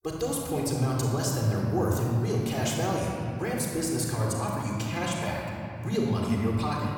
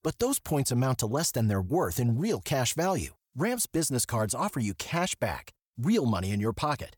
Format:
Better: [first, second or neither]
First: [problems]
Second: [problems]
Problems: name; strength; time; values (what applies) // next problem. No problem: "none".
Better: second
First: off-mic speech; somewhat distant // room echo; noticeable; dies away in 2.7 s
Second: none